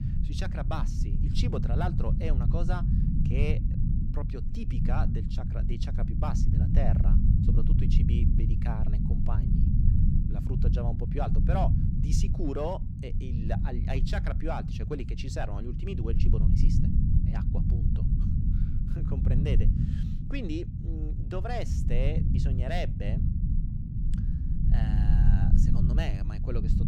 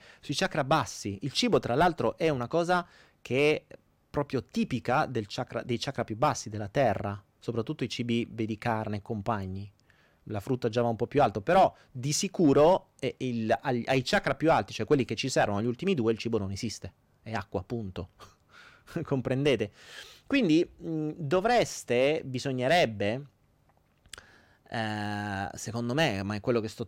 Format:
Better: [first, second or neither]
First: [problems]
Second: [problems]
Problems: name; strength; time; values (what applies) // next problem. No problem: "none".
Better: second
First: low rumble; loud; throughout; 2 dB below the speech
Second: none